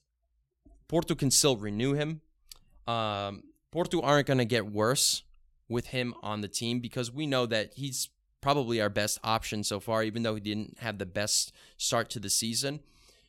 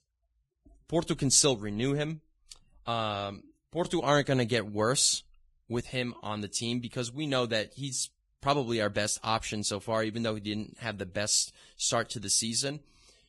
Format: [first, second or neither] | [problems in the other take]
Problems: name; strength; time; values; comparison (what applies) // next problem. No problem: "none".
first | garbled, watery; badly